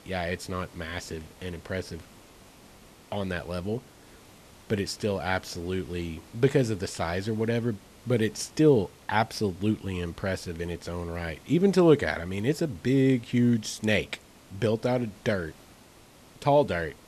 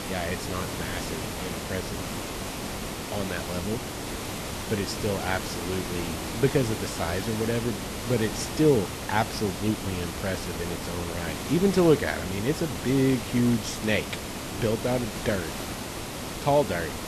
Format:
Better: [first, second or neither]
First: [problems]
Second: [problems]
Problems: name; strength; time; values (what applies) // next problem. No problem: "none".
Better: first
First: hiss; faint; throughout; 25 dB below the speech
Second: hiss; loud; throughout; 5 dB below the speech